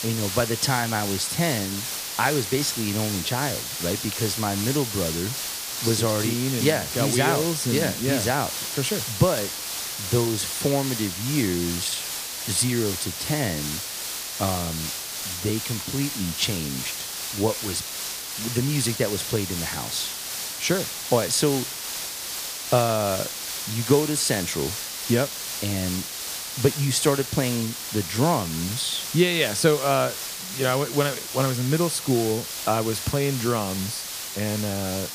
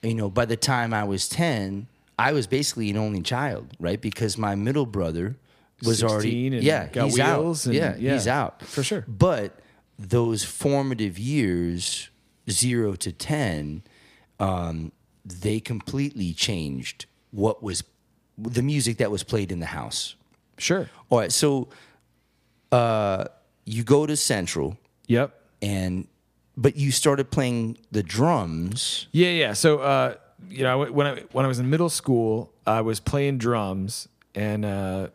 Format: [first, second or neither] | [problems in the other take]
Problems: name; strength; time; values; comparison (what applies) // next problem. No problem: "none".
second | hiss; loud; throughout; 4 dB below the speech